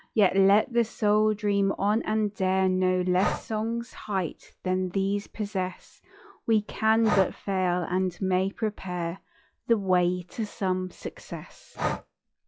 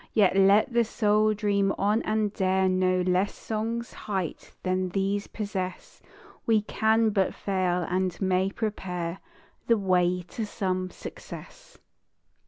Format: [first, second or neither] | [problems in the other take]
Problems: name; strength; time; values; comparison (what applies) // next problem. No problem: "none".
second | noise reduction (classical method log-MMSE)